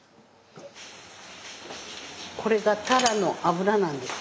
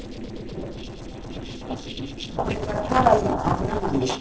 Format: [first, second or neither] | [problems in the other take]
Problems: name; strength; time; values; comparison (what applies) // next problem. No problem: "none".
first | noise reduction (neural separator model SepFormer DNS4)